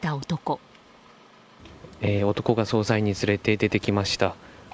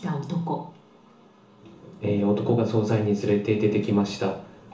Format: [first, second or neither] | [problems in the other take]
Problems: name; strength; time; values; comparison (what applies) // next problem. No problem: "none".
first | room echo; dies away in 0.8 s